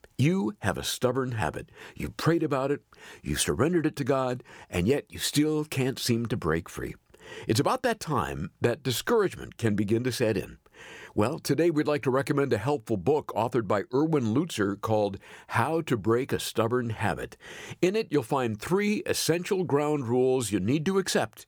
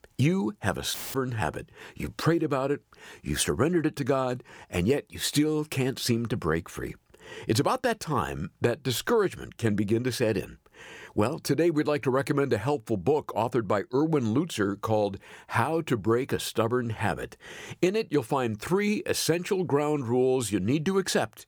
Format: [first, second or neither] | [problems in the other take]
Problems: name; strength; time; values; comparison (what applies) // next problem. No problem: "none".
first | audio cutting out; filled with static; at 1 s